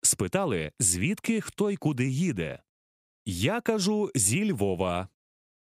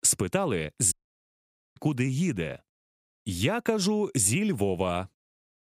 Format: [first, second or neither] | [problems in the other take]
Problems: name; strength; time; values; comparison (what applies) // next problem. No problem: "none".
first | audio cutting out; at 1 s for 1 s